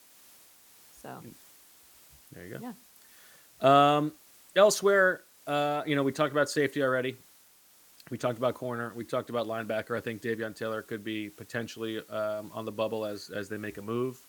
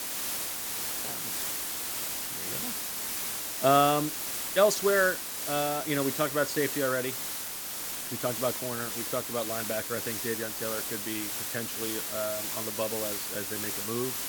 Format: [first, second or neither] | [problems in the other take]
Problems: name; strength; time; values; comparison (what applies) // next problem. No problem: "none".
first | hiss; loud; throughout; 1 dB below the speech; faint in the first